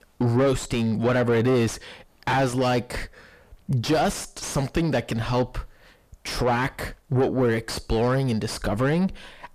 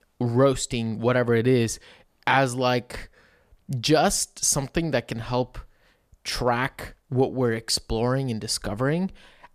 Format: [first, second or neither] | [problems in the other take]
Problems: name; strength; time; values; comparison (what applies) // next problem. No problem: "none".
second | distortion; heavy; 5 dB below the speech